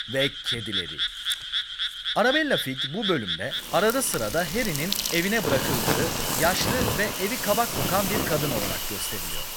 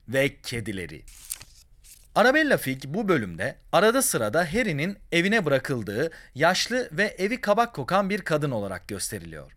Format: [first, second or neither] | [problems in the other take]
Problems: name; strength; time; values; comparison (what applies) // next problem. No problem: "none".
second | animal sounds; loud; throughout; as loud as the speech